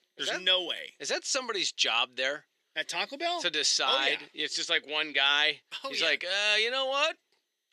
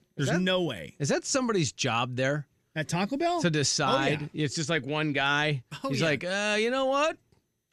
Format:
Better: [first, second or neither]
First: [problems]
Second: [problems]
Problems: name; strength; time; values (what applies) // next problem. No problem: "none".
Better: second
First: thin; very; fading below 400 Hz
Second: none